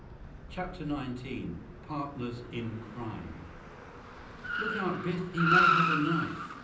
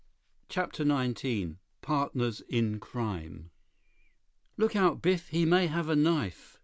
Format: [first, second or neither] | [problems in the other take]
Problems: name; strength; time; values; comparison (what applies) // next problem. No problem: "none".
second | background sound (Car); 2 dB above the speech // room echo; dies away in 0.6 s